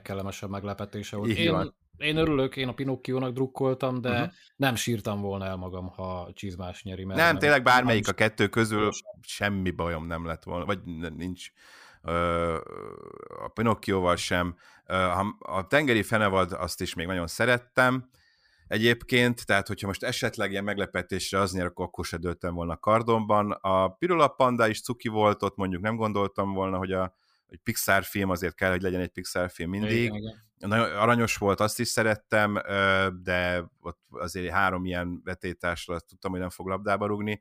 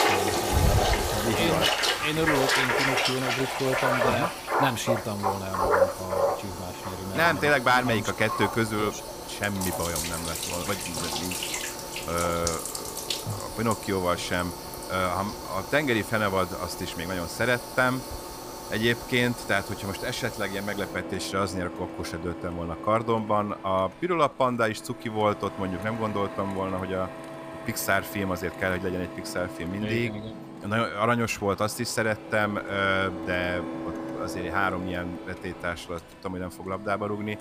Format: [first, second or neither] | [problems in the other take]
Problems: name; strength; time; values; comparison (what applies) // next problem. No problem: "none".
first | household noises; loud; throughout; 2 dB below the speech